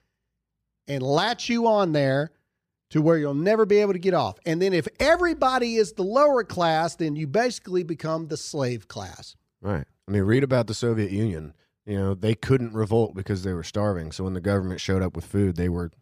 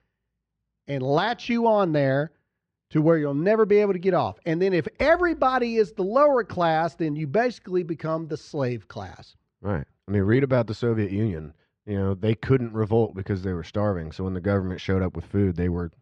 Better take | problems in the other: first | muffled; slightly; fading above 3 kHz

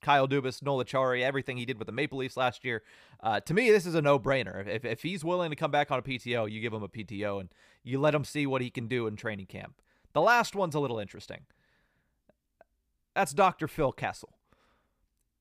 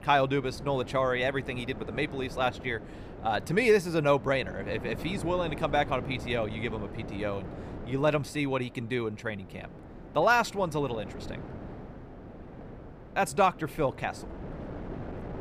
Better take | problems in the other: first | wind noise on the microphone; occasional gusts; 15 dB below the speech

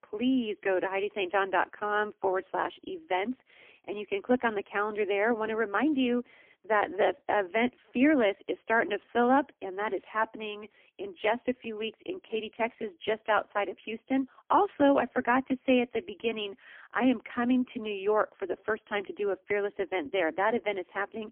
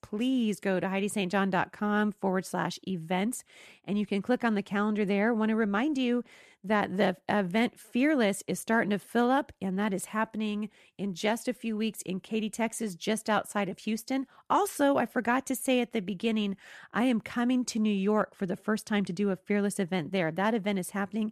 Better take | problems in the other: second | phone-call audio; poor line; nothing above 3.5 kHz

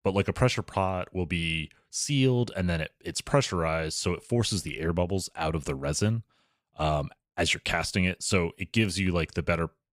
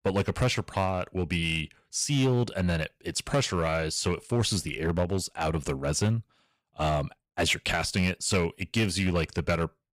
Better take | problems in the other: first | distortion; slight; 5% of the sound clipped

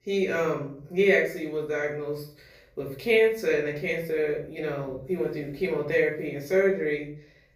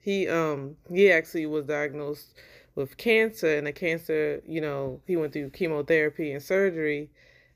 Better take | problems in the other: second | room echo; slight; dies away in 0.4 s // off-mic speech; far

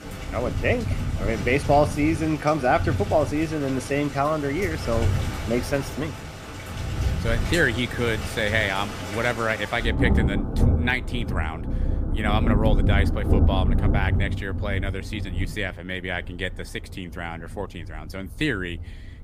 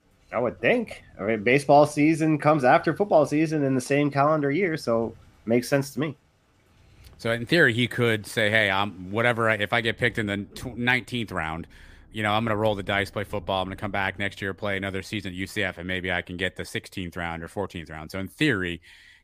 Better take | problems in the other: second | rain or running water; loud; throughout; 1 dB below the speech; faint in the second

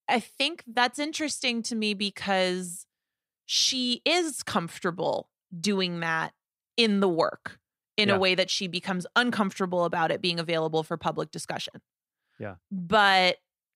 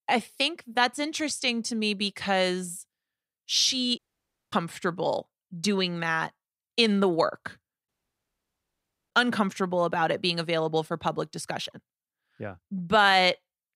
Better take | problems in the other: first | audio cutting out; at 4 s for 0.5 s and at 8 s for 1 s

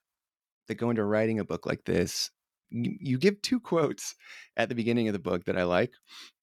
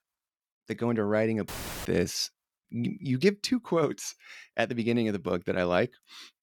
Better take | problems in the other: first | audio cutting out; filled with static; at 1.5 s

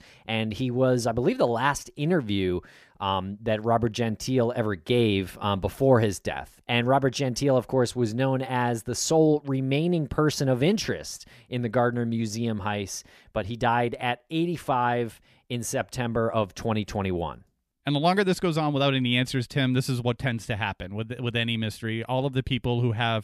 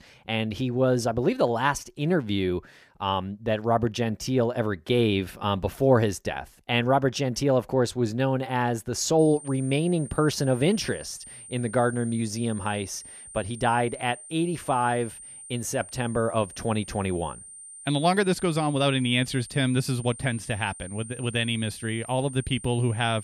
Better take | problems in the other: first | high-pitched whine; noticeable; from 9 s on; 9 kHz, 15 dB below the speech

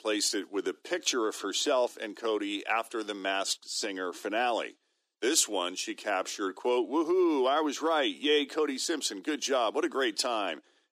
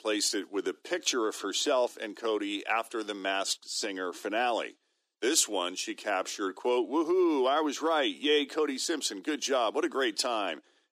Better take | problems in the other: neither | thin; somewhat; fading below 300 Hz; the same in both

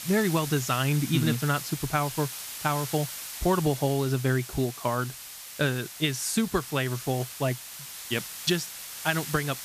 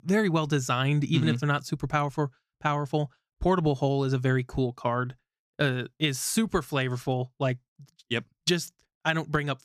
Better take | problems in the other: second | hiss; loud; throughout; 9 dB below the speech

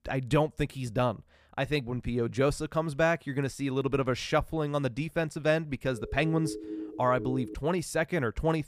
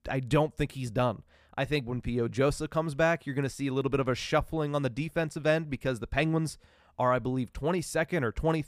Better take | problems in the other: second | siren; noticeable; from 6 to 7.5 s; peak 8 dB below the speech

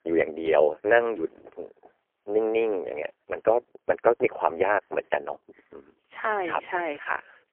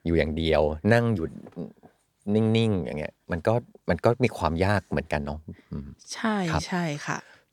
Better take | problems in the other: second | phone-call audio; poor line

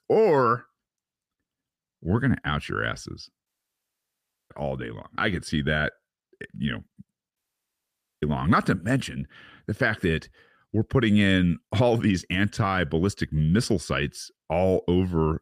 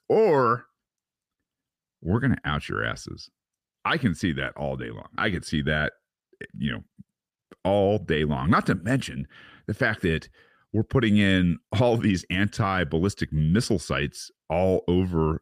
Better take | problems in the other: second | audio cutting out; at 3.5 s for 1 s and at 7.5 s for 1 s

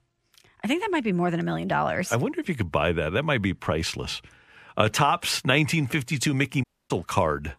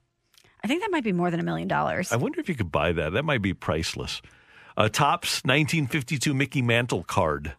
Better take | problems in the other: second | audio cutting out; at 6.5 s

